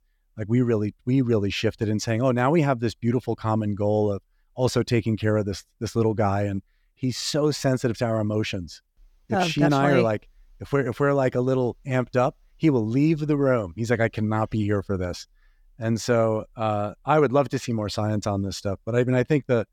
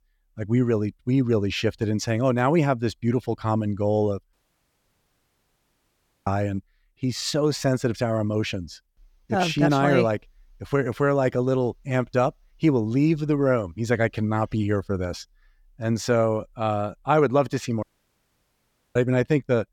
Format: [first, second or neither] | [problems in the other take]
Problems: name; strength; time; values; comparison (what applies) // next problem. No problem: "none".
first | audio cutting out; at 4.5 s for 2 s and at 18 s for 1 s